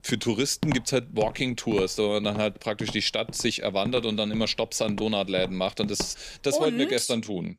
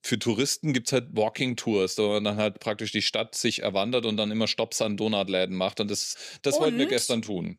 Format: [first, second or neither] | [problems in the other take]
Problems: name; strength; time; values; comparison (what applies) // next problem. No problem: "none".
second | footsteps; noticeable; until 6 s; peak 7 dB below the speech